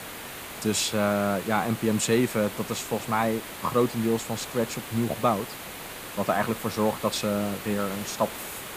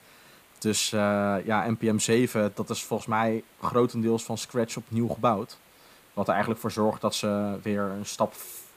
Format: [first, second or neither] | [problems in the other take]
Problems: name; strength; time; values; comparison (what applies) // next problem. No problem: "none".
second | hiss; loud; throughout; 10 dB below the speech; faint in the second